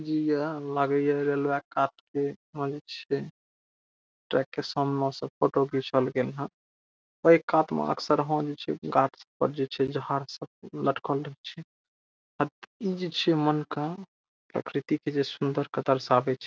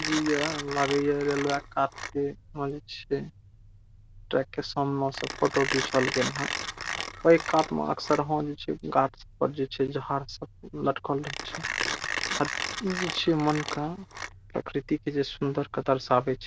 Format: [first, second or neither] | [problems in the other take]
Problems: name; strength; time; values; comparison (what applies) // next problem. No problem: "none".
first | background sound (Mechanisms); 8 dB below the speech